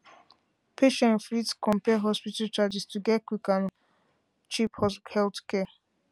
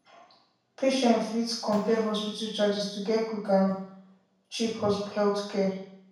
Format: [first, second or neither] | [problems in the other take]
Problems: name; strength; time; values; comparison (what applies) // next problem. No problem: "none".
first | room echo; dies away in 0.6 s